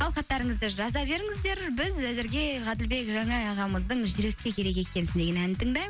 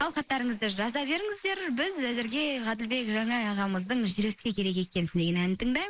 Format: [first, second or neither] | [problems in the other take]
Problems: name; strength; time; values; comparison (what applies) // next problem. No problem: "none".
first | noise reduction (neural mask model Resemble Enhance denoiser)